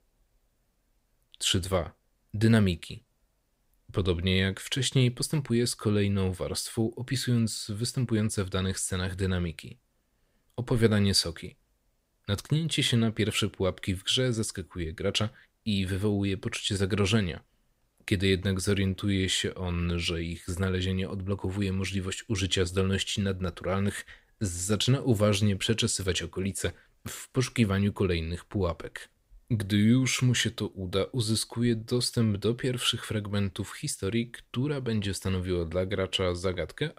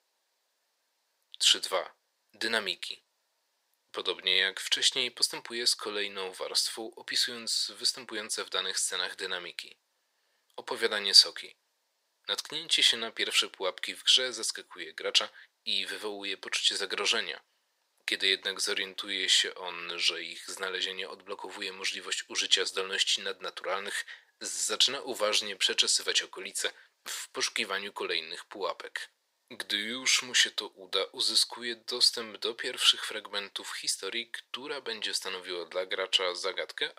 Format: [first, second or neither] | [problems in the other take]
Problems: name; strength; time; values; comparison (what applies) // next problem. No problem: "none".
first | thin; very; fading below 500 Hz